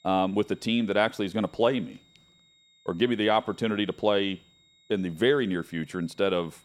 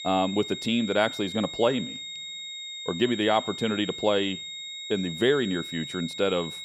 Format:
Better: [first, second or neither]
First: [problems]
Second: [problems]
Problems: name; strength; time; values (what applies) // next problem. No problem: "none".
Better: first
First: high-pitched whine; faint; throughout; 4 kHz, 30 dB below the speech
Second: high-pitched whine; loud; throughout; 4 kHz, 8 dB below the speech